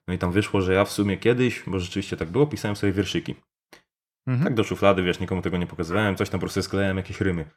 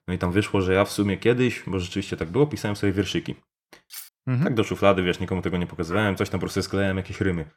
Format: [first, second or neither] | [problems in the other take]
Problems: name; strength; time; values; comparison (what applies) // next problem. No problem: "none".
first | clattering dishes; faint; at 4 s; peak 15 dB below the speech